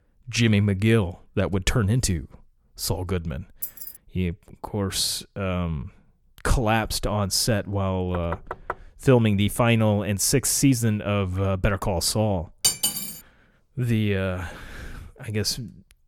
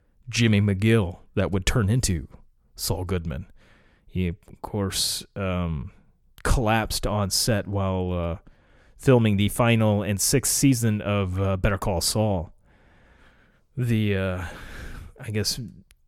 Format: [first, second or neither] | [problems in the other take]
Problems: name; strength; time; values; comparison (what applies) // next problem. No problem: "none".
second | jangling keys; noticeable; at 3.5 s; peak 8 dB below the speech // door banging; faint; at 8 s; peak 10 dB below the speech // clattering dishes; loud; at 13 s; peak 3 dB above the speech